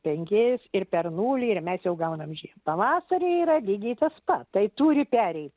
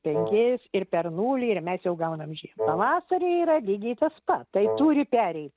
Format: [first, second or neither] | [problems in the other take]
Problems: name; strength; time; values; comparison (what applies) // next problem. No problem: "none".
first | noise reduction (neural mask model RNNoise)